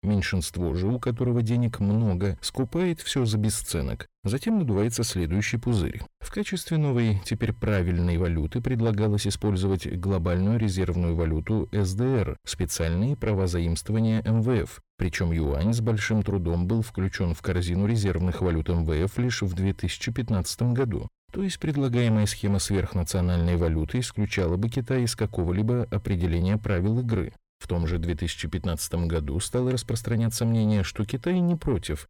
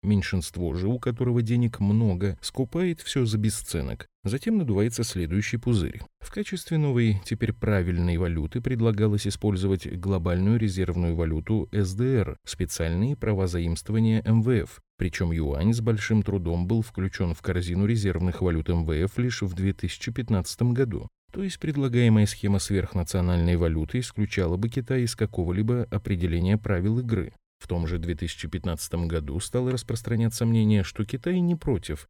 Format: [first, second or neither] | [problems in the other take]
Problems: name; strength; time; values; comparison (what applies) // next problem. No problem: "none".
second | distortion; slight; 10 dB below the speech